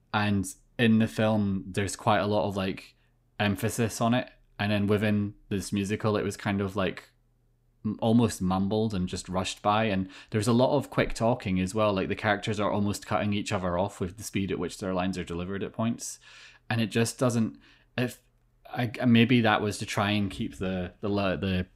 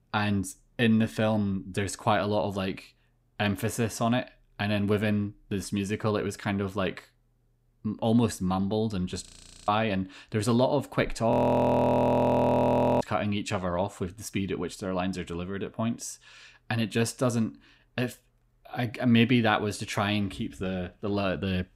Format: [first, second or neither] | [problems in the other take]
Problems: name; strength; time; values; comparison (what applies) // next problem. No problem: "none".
first | audio freezing; at 9.5 s and at 11 s for 1.5 s